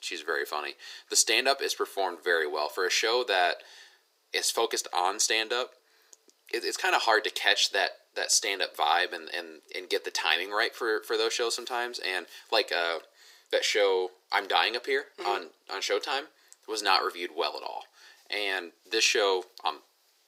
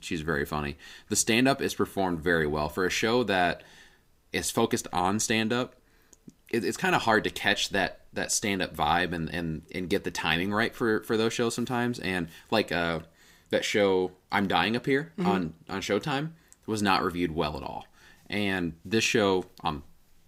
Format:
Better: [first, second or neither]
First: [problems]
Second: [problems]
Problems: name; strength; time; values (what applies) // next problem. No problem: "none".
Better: second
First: thin; very; fading below 400 Hz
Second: none